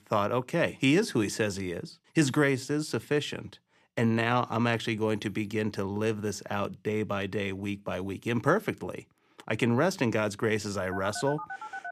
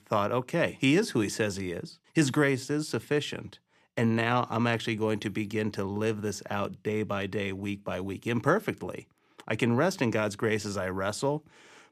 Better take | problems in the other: second | phone ringing; noticeable; at 11 s; peak 10 dB below the speech

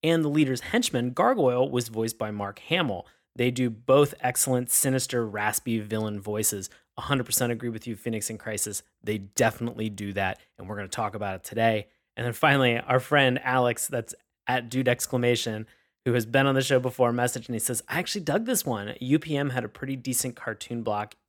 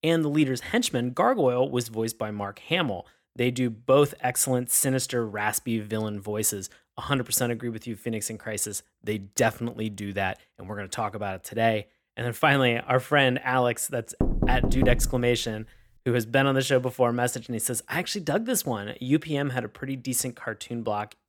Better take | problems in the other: first | door banging; noticeable; at 14 s; peak 1 dB below the speech

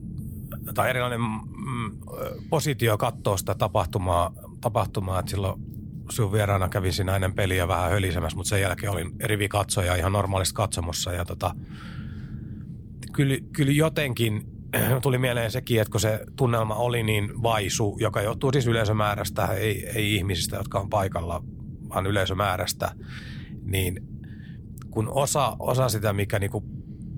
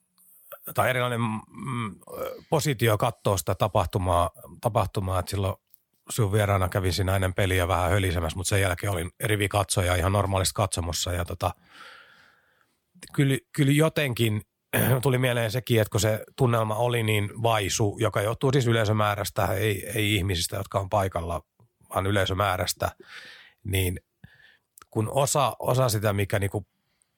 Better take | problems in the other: second | low rumble; faint; throughout; 20 dB below the speech

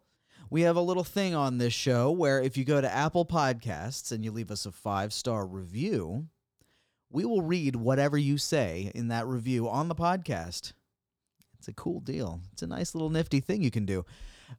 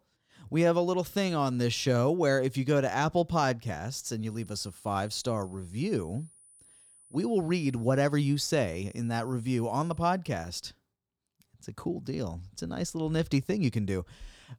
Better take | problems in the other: first | high-pitched whine; faint; from 4.5 to 10 s; 9.5 kHz, 25 dB below the speech

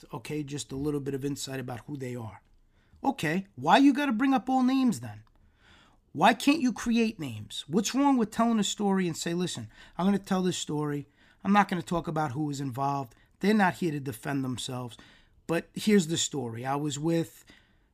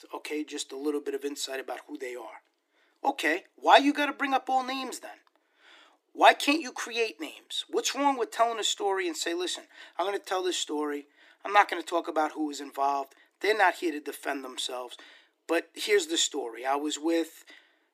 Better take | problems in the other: first | thin; somewhat; fading below 300 Hz

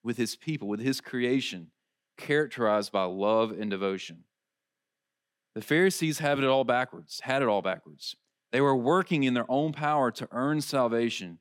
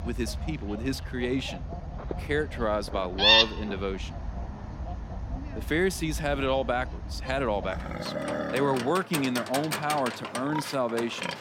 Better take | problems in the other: first | animal sounds; loud; throughout; 1 dB below the speech

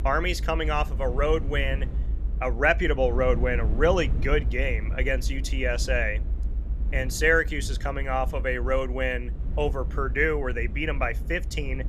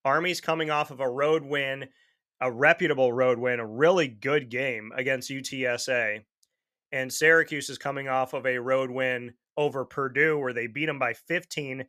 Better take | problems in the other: second | low rumble; faint; throughout; 20 dB below the speech

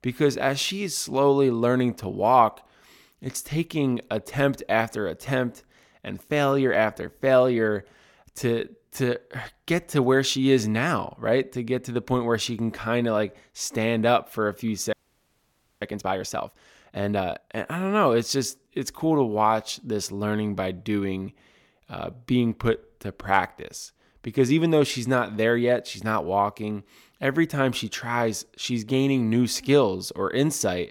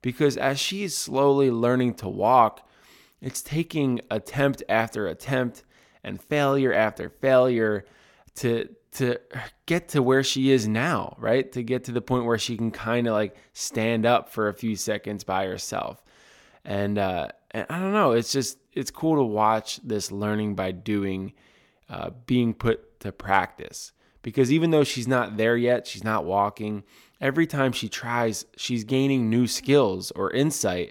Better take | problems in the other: second | audio freezing; at 15 s for 1 s

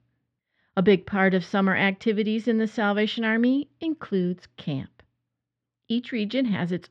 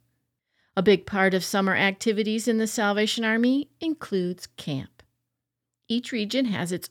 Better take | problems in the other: second | muffled; slightly; fading above 3.5 kHz

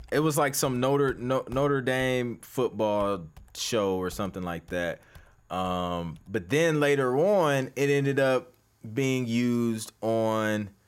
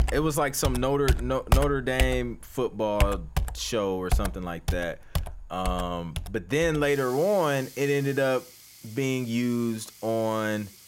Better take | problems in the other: first | household noises; loud; throughout; 5 dB below the speech; faint in the first

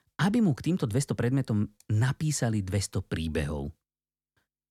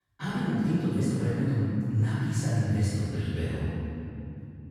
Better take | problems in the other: first | off-mic speech; far // room echo; strong; dies away in 3 s

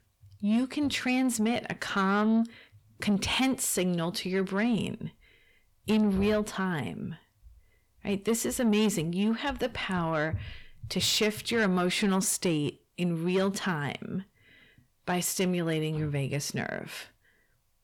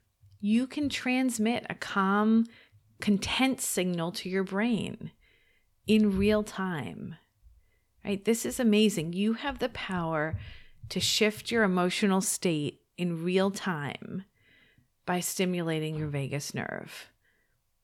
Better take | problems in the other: second | distortion; slight; 10 dB below the speech

